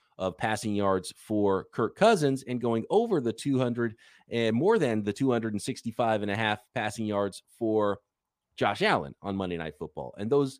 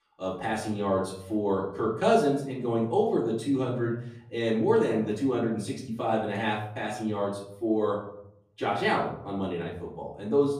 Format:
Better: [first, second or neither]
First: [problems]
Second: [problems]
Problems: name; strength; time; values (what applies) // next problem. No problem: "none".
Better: first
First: none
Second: room echo; slight; dies away in 0.8 s // off-mic speech; far